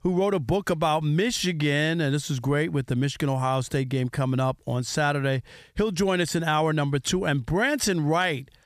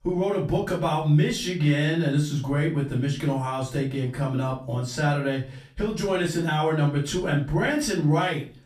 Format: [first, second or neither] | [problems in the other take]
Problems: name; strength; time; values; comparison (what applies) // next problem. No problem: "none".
first | off-mic speech; far // room echo; slight; dies away in 0.3 s